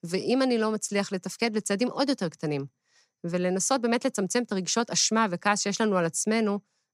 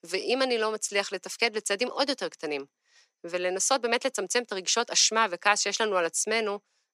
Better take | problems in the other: first | thin; somewhat; fading below 350 Hz

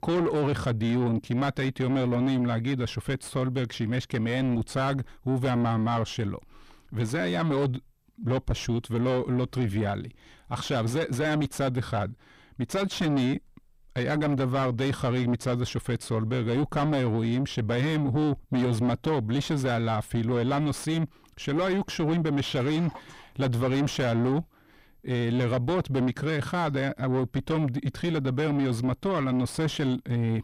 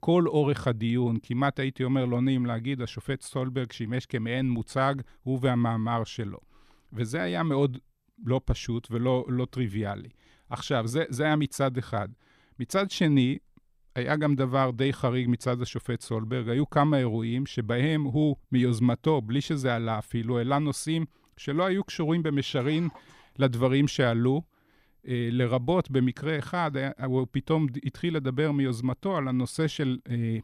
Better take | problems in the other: second | distortion; heavy; 7 dB below the speech

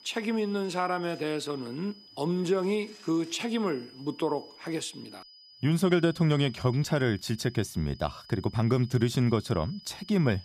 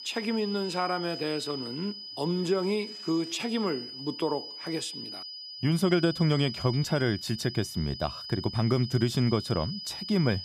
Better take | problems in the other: first | high-pitched whine; loud; throughout; 5 kHz, 9 dB below the speech; faint in the first

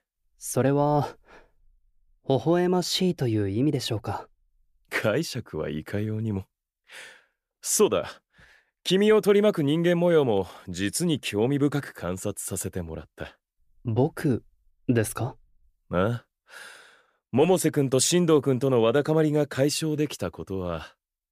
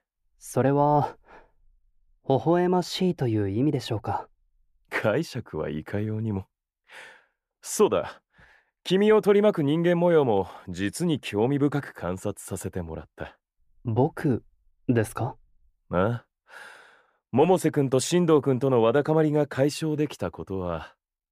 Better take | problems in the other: first | muffled; slightly; fading above 3 kHz

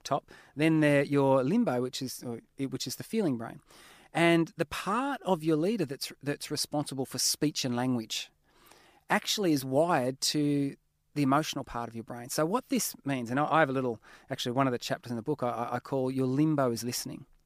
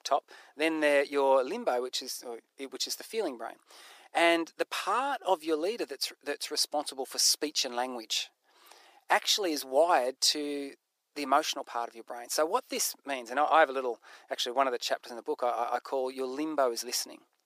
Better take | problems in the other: first | thin; very; fading below 400 Hz

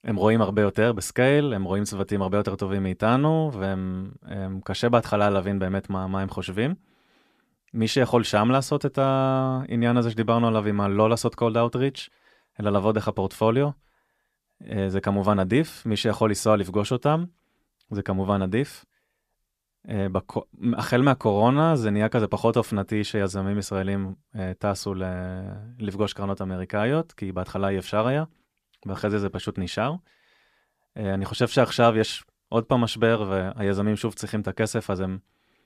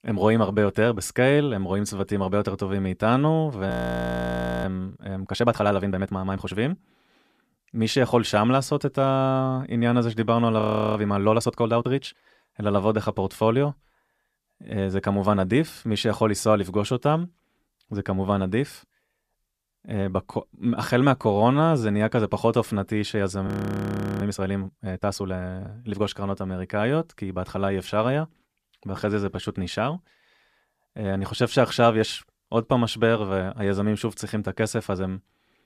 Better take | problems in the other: first | audio freezing; at 3.5 s for 1 s, at 11 s and at 23 s for 0.5 s

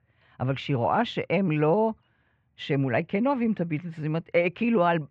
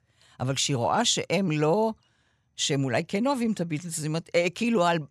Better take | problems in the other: second | muffled; very; fading above 2.5 kHz

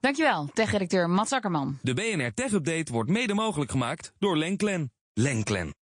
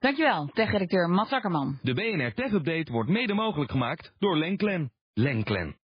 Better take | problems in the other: first | garbled, watery; badly; nothing above 4 kHz; slightly in the first

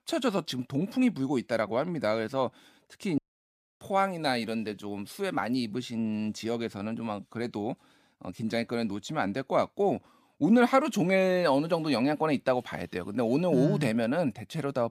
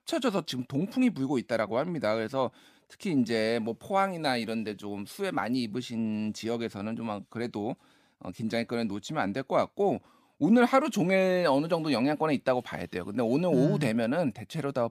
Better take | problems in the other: second | audio cutting out; at 3 s for 0.5 s

